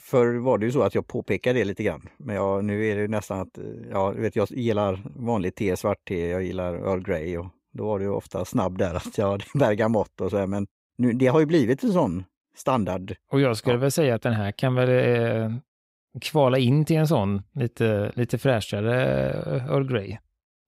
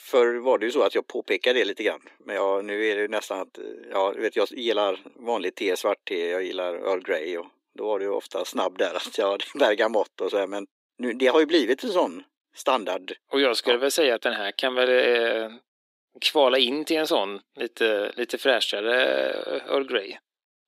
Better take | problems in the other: first | thin; somewhat; fading below 300 Hz

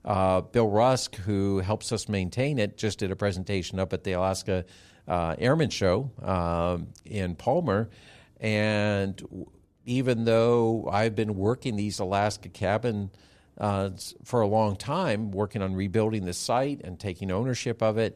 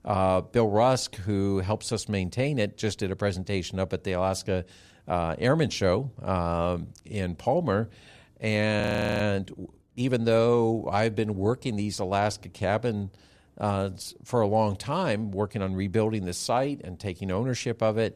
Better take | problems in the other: first | audio freezing; at 9 s

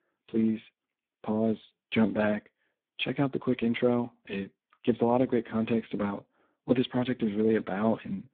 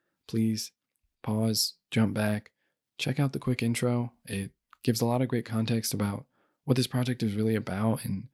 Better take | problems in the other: second | phone-call audio; poor line

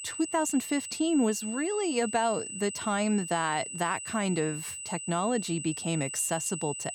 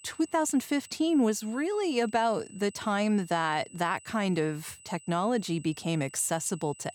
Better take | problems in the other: second | high-pitched whine; loud; throughout; 8 kHz, 7 dB below the speech; faint in the second

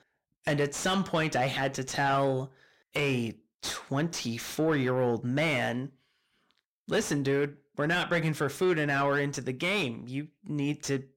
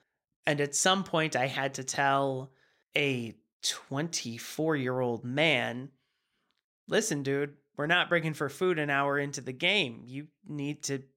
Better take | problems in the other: second | distortion; heavy; 6 dB below the speech

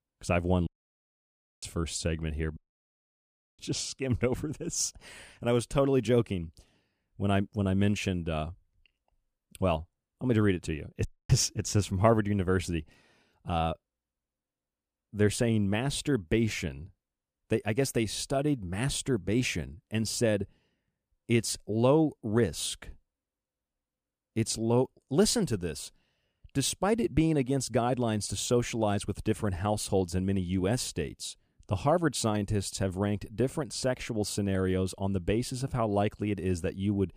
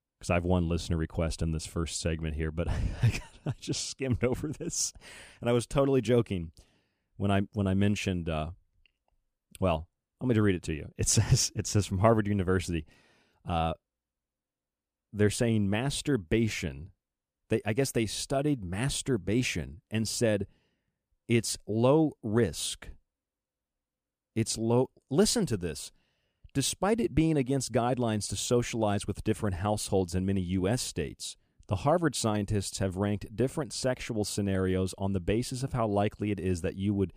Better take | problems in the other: second | audio cutting out; at 0.5 s for 1 s, at 2.5 s for 1 s and at 11 s

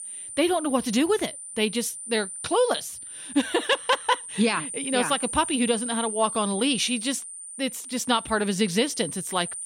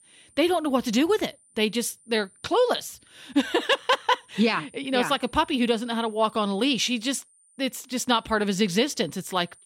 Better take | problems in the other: second | high-pitched whine; loud; throughout; 9 kHz, 8 dB below the speech; faint in the second

